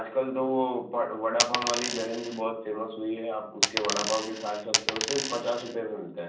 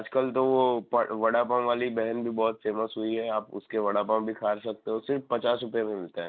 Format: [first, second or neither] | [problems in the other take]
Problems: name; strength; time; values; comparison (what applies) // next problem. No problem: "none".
second | background sound (Coin (dropping)); as loud as the speech // room echo; dies away in 0.6 s